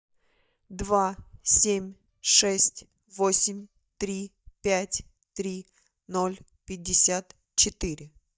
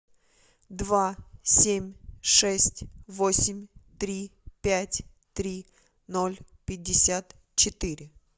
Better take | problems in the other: second | noise reduction (neural mask model DeepFilterNet 3)

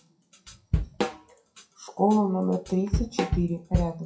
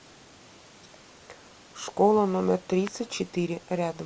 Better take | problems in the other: second | noise reduction (classical method WPE with log-MMSE)

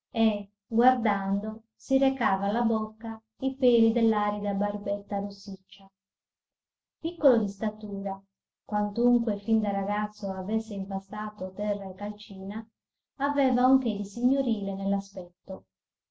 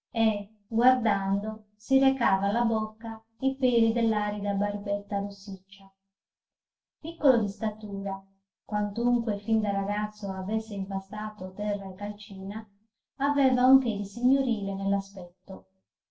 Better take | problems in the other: first | room echo; dies away in 0.2 s

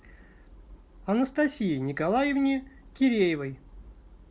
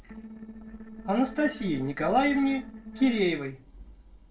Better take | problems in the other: first | noise reduction (neural separator model SepFormer DNS4)

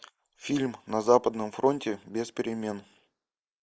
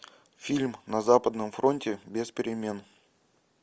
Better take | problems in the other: second | noise reduction (neural mask model Resemble Enhance denoiser)

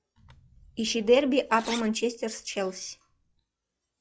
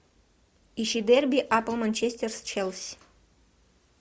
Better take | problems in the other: second | noise reduction (classical method log-MMSE)

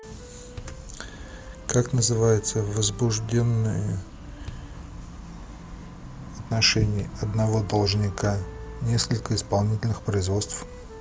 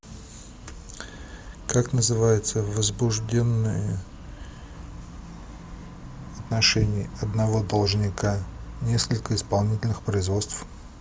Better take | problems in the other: second | background sound (Wind instrument, woodwind instrument + Bass drum); 20 dB below the speech

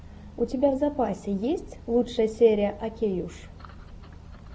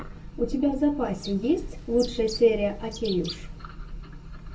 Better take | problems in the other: first | background sound (Bird); 15 dB below the speech // room echo; dies away in 0.2 s

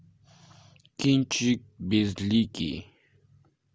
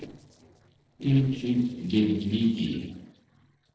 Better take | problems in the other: first | noise reduction (neural separator model SepFormer DNS4)

